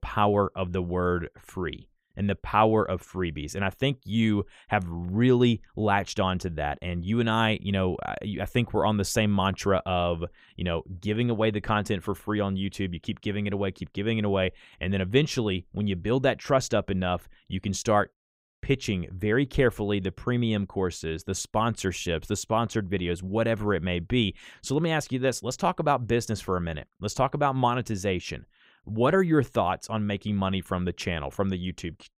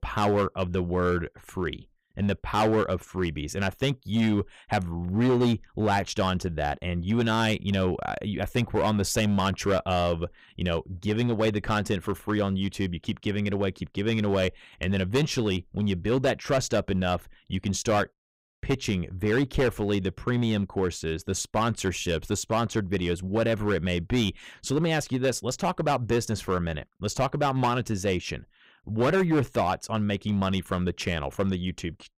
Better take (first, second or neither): first